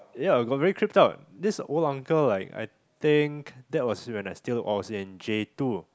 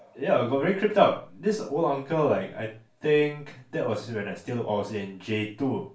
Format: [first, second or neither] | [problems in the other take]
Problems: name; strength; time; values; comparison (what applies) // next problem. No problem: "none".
first | room echo; dies away in 0.3 s